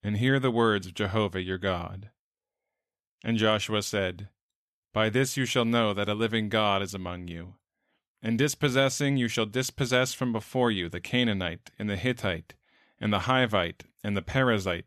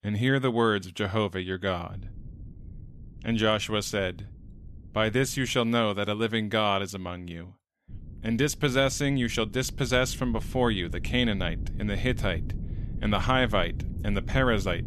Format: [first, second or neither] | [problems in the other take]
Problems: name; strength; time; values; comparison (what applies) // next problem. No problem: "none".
first | low rumble; faint; from 2 to 5.5 s and from 8 s on; 25 dB below the speech